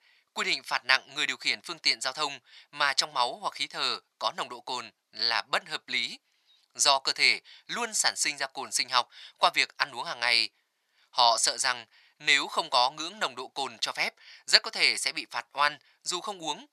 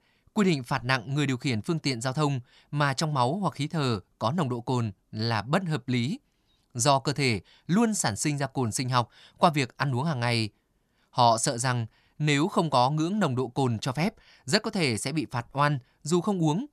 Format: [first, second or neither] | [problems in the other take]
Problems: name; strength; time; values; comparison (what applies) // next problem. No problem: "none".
second | thin; very; fading below 800 Hz